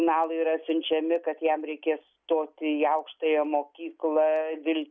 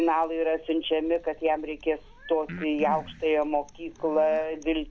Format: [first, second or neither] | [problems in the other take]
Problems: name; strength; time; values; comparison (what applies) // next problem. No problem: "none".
first | background sound (Cat + Breathing); 17 dB below the speech